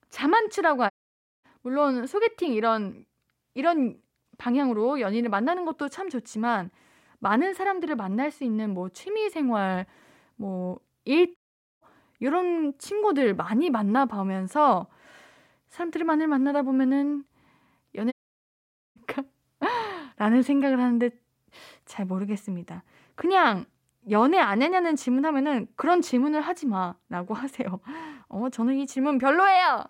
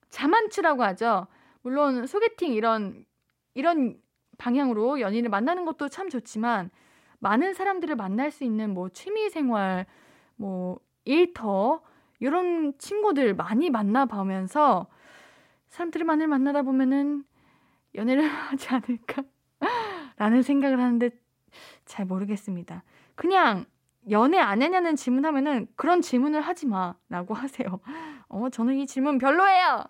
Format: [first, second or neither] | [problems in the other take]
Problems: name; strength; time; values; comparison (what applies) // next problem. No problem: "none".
second | audio cutting out; at 1 s for 0.5 s, at 11 s and at 18 s for 1 s